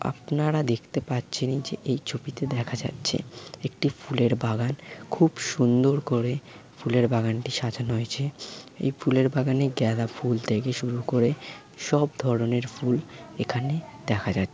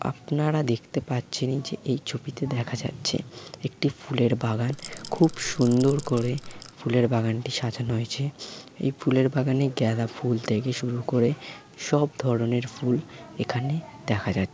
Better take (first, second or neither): first